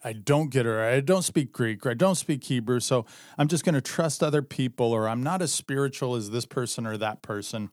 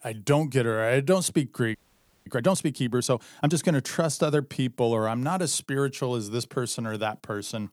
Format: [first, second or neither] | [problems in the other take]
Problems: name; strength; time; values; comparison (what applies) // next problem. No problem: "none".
first | audio freezing; at 2 s for 0.5 s